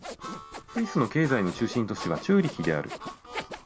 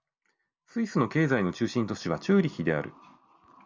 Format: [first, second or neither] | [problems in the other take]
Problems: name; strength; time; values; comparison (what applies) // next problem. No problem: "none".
second | background sound (Harmonica + Sawing); 12 dB below the speech